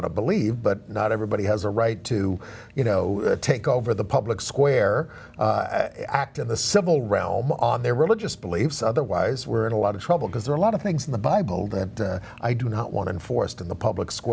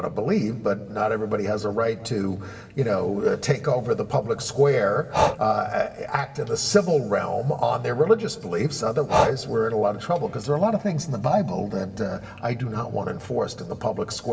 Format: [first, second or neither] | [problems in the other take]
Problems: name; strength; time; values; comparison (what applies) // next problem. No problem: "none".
first | background sound (Breathing); 6 dB below the speech // room echo; dies away in 2.3 s